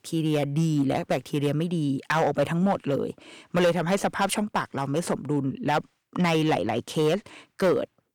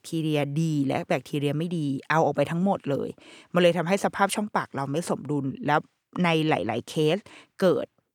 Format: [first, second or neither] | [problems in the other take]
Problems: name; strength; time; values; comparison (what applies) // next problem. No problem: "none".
second | distortion; slight; 4% of the sound clipped